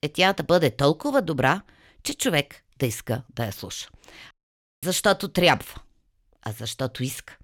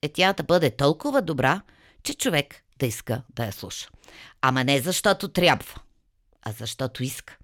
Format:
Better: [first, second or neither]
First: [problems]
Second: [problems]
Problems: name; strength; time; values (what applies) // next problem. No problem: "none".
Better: second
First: audio cutting out; at 4.5 s for 0.5 s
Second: none